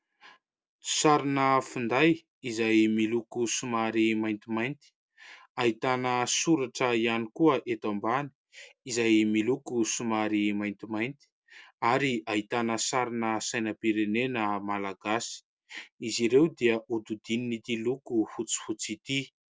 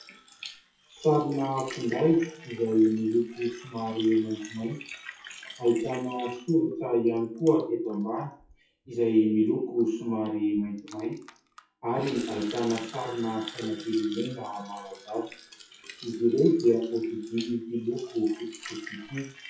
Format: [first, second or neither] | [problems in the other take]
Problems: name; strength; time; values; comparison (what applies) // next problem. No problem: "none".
first | noise reduction (classical method WPE with log-MMSE)